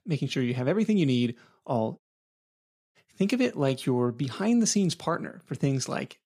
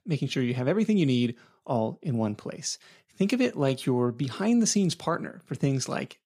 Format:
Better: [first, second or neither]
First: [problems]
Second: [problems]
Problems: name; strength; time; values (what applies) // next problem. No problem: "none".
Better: second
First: audio cutting out; at 2 s for 1 s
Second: none